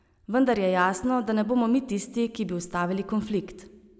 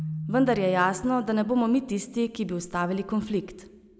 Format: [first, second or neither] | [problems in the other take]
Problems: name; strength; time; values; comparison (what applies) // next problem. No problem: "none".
first | background sound (Keyboard (musical)); 14 dB below the speech